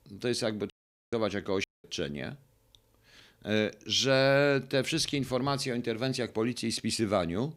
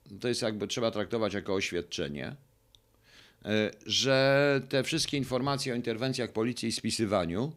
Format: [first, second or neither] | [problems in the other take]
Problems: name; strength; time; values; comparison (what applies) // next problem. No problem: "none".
second | audio cutting out; at 0.5 s and at 1.5 s